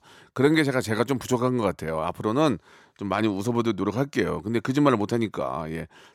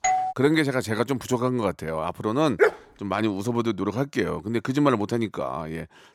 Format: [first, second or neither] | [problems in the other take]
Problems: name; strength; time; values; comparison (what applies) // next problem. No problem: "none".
first | doorbell; loud; at the start; peak 1 dB above the speech // dog barking; loud; at 2.5 s; peak 3 dB above the speech